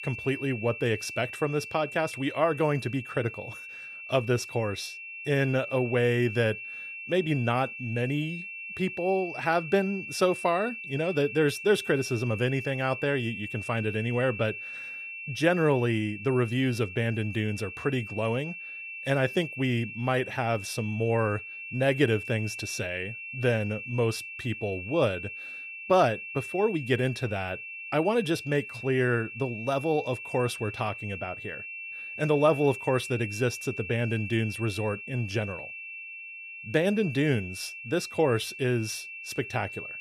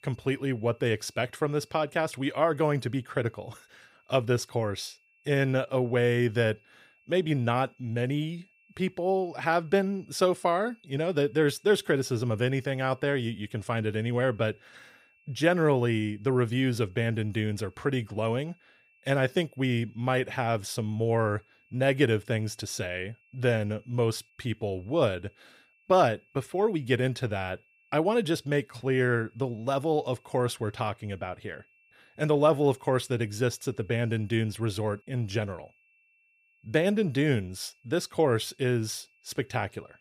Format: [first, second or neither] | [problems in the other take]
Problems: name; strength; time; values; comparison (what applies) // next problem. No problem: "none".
second | high-pitched whine; loud; throughout; 2.5 kHz, 9 dB below the speech; faint in the second